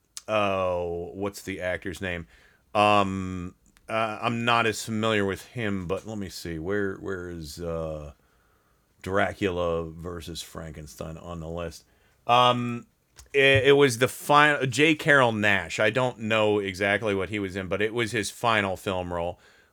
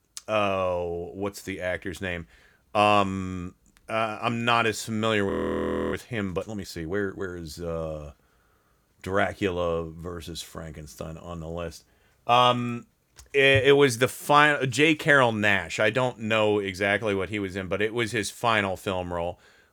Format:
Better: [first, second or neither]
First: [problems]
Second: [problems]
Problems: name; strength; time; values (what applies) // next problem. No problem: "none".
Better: first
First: none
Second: audio freezing; at 5.5 s for 0.5 s